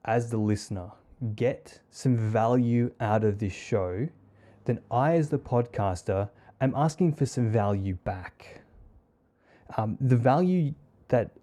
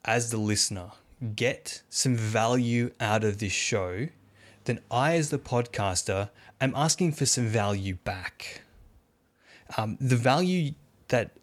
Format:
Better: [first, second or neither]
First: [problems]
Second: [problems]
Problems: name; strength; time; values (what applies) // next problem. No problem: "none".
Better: second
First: muffled; very; fading above 2 kHz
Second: none